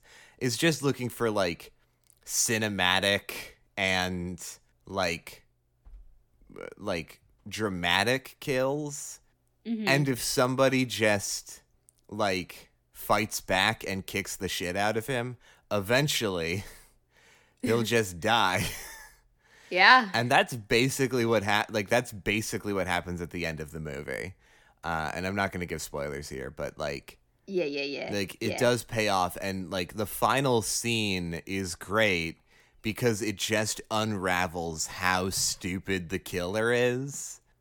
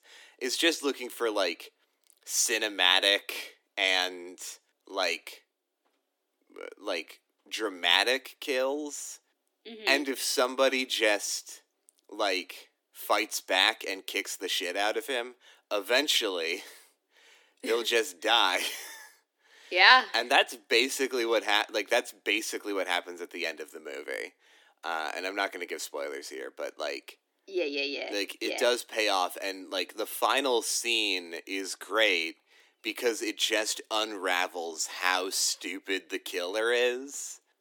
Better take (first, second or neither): first